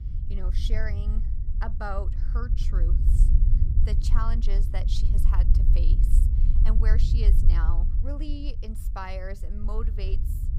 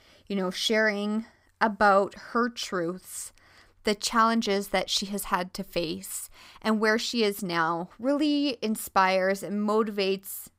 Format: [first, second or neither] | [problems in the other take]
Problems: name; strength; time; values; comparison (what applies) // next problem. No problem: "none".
second | low rumble; loud; throughout; 6 dB below the speech